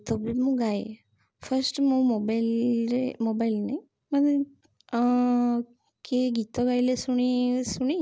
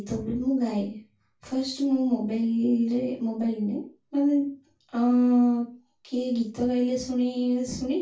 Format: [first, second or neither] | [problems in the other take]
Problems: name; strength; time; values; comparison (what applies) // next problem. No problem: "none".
first | room echo; dies away in 0.3 s